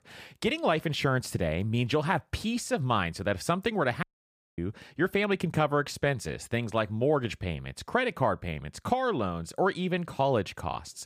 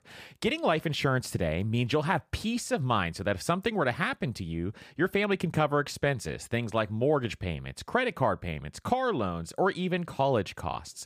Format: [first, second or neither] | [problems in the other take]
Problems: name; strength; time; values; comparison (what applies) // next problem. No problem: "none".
second | audio cutting out; at 4 s for 0.5 s